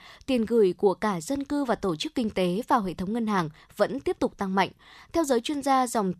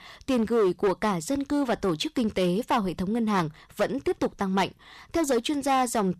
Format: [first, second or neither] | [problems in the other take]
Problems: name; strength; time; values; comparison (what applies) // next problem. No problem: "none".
first | distortion; slight; 8% of the sound clipped